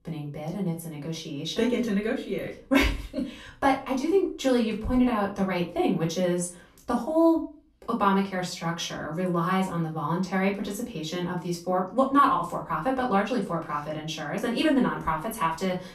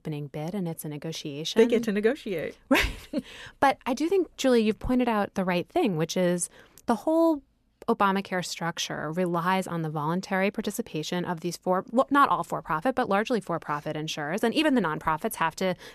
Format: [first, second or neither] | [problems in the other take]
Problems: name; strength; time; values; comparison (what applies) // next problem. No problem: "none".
second | off-mic speech; far // room echo; slight; dies away in 0.3 s